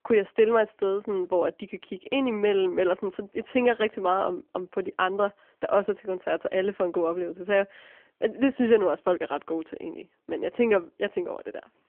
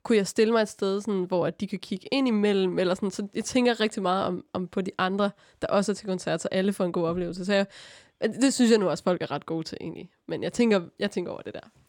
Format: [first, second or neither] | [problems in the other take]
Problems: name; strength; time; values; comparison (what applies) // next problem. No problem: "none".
second | phone-call audio; nothing above 3 kHz